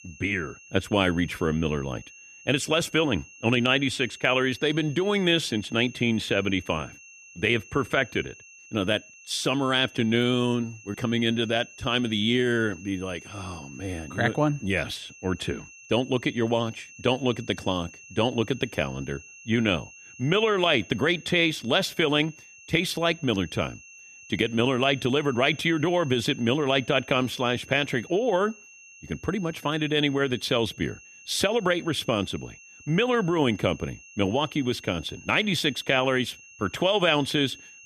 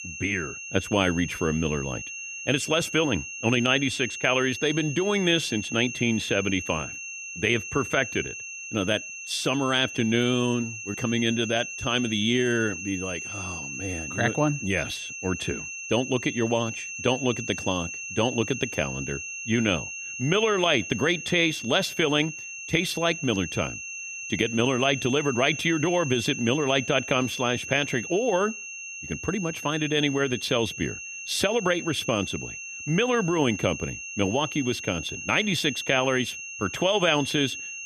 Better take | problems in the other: first | high-pitched whine; loud; throughout; 2.5 kHz, 8 dB below the speech; faint in the first

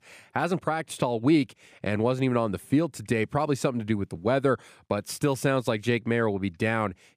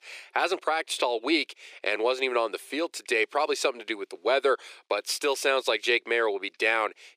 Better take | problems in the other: first | thin; very; fading below 350 Hz

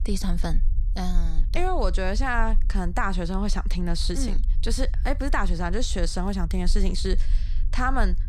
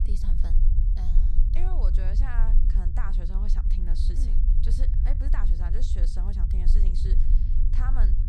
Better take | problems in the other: first | low rumble; loud; throughout; 3 dB below the speech; faint in the first

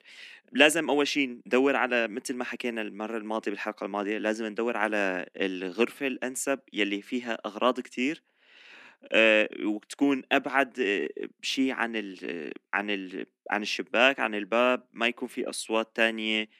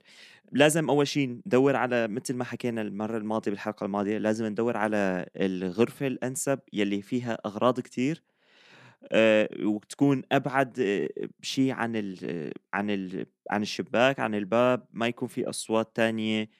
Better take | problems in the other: second | thin; very slightly; fading below 250 Hz

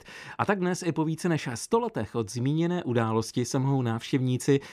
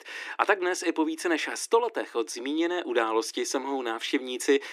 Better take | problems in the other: first | thin; somewhat; fading below 300 Hz

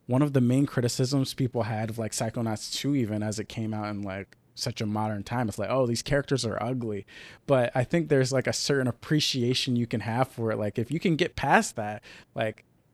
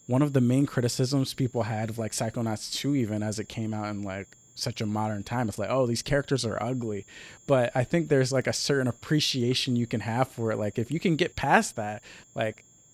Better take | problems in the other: first | high-pitched whine; faint; throughout; 7.5 kHz, 25 dB below the speech

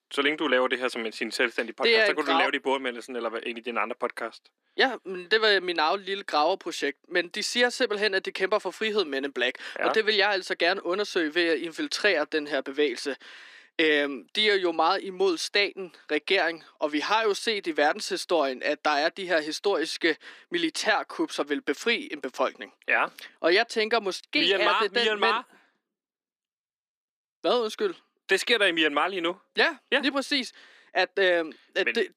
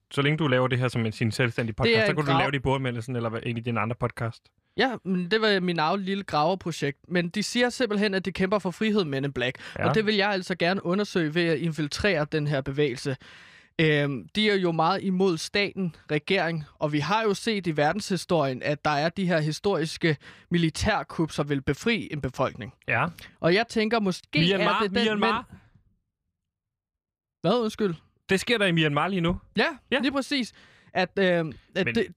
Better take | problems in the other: second | thin; somewhat; fading below 250 Hz

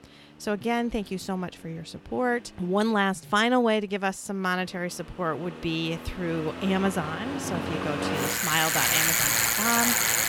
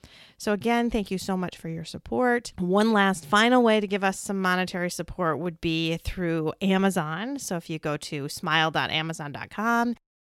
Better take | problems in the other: second | traffic noise; very loud; throughout; 3 dB above the speech

